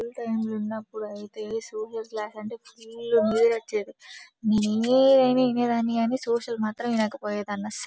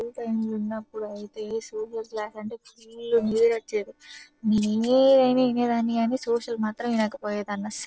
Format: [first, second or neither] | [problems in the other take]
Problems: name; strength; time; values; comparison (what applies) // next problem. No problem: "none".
first | noise reduction (neural separator model SepFormer DNS4)